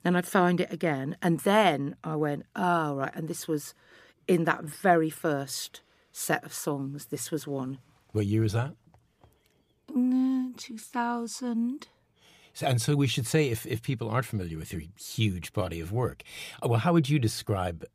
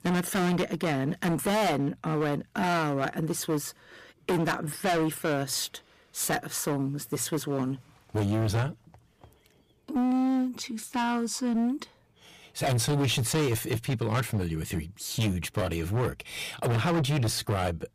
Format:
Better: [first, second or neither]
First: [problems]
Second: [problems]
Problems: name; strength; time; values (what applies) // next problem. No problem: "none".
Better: first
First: none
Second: distortion; heavy; 19% of the sound clipped